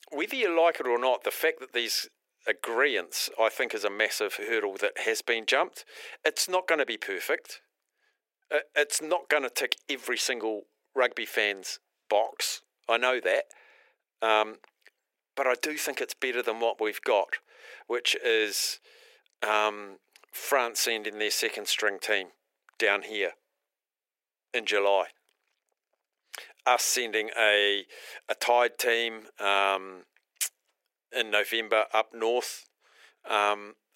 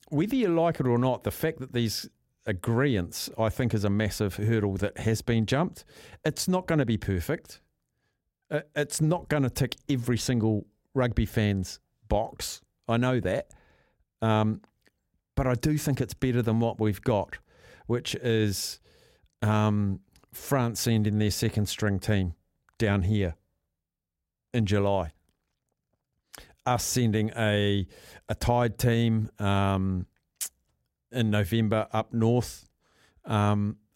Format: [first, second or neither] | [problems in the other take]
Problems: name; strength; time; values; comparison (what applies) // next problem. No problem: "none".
second | thin; very; fading below 400 Hz